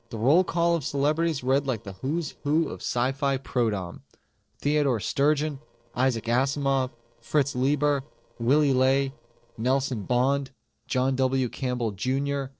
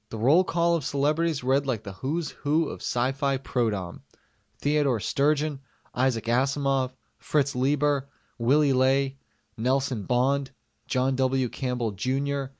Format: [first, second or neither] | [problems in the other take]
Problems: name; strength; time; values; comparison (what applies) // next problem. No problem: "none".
second | noise reduction (neural separator model SepFormer DNS4)